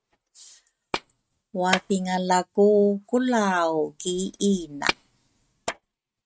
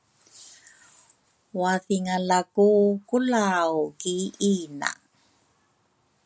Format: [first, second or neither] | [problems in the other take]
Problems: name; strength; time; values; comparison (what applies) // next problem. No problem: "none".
second | noise reduction (neural mask model RNNoise)